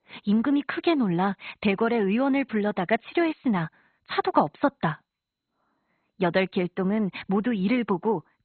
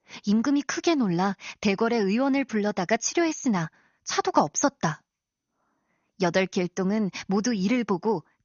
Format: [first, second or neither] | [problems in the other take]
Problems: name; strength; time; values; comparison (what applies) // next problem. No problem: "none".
second | garbled, watery; badly; nothing above 4 kHz; slightly in the second